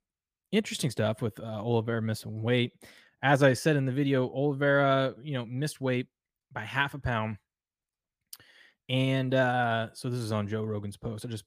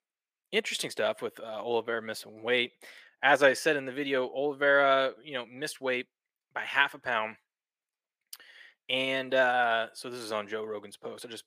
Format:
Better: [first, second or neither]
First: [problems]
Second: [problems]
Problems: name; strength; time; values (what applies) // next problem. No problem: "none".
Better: first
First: none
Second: thin; somewhat; fading below 450 Hz